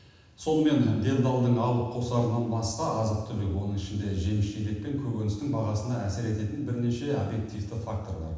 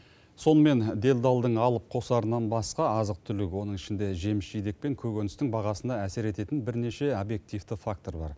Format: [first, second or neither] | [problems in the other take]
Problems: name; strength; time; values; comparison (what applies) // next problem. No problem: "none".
second | room echo; dies away in 1.1 s